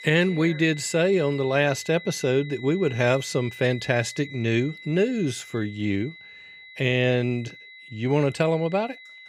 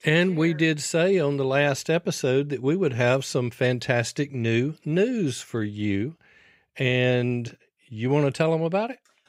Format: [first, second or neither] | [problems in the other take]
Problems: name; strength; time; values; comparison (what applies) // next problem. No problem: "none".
second | high-pitched whine; noticeable; throughout; 2 kHz, 15 dB below the speech